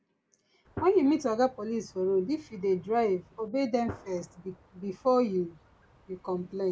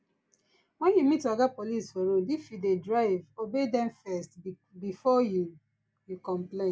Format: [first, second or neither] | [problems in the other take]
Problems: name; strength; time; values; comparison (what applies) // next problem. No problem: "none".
second | background sound (Gunshot, gunfire); 19 dB below the speech